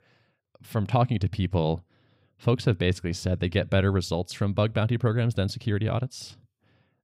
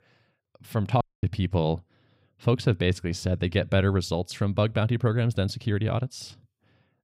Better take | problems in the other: first | audio cutting out; at 1 s

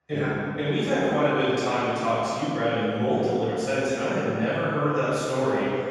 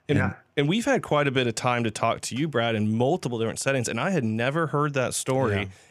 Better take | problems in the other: second | room echo; strong; dies away in 2.1 s // off-mic speech; far

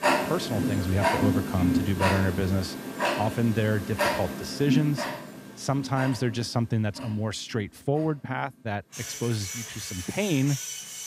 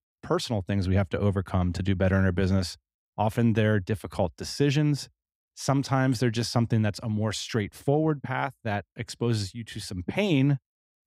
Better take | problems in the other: second | household noises; loud; throughout; 1 dB below the speech

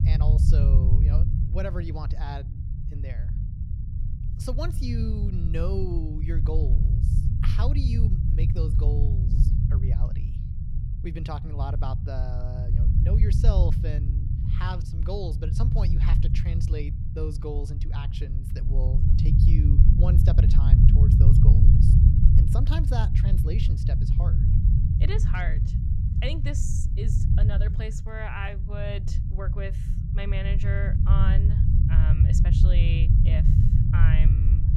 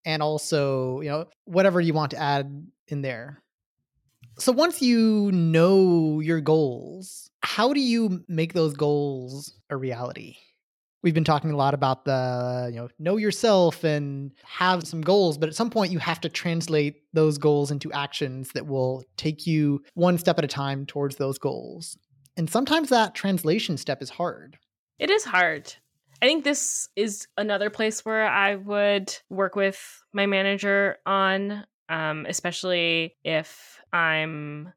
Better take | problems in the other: second | low rumble; loud; throughout; as loud as the speech

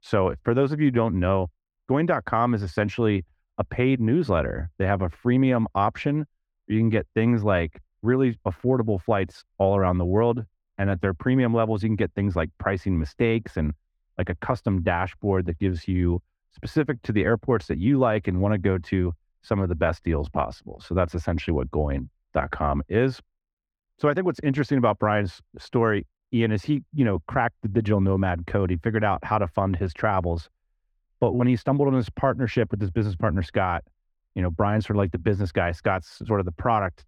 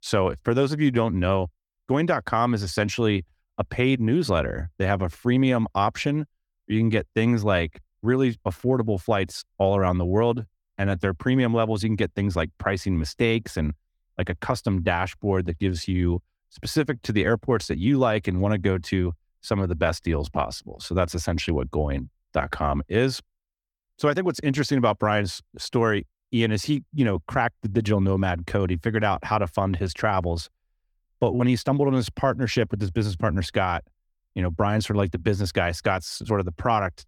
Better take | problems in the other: second | muffled; slightly; fading above 3.5 kHz

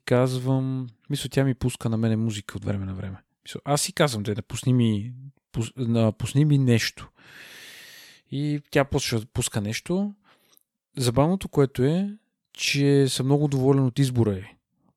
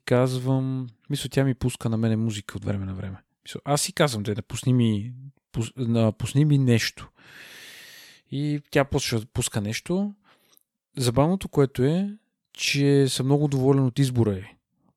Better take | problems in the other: neither | none

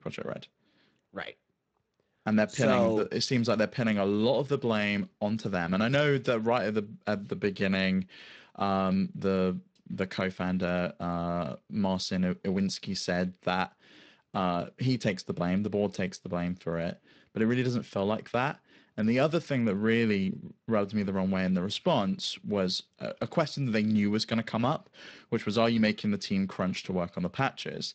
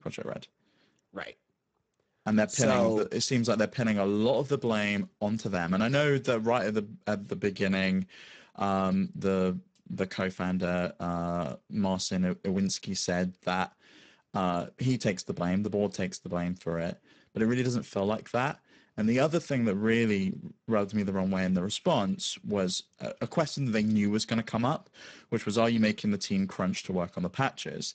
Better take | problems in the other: first | garbled, watery; badly; nothing above 8 kHz; slightly in the first

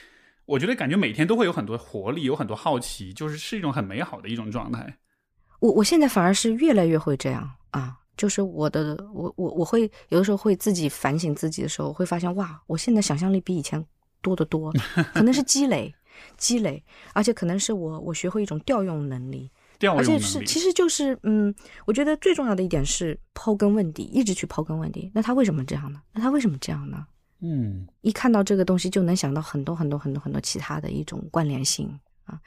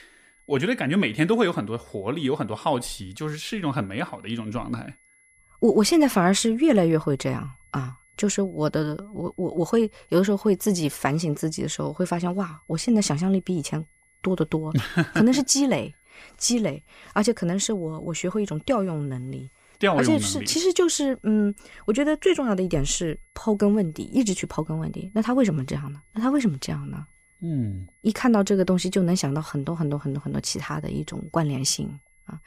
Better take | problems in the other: first | high-pitched whine; faint; throughout; 2 kHz, 35 dB below the speech

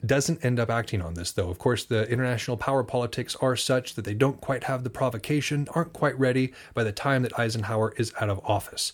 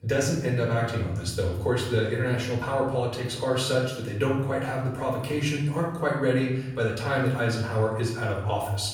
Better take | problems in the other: first | room echo; noticeable; dies away in 1 s // off-mic speech; far

